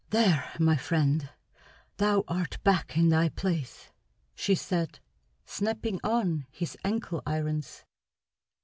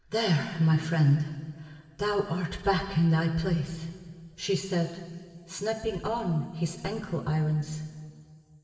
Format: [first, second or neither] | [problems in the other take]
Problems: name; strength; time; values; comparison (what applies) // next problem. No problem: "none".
first | room echo; dies away in 2.6 s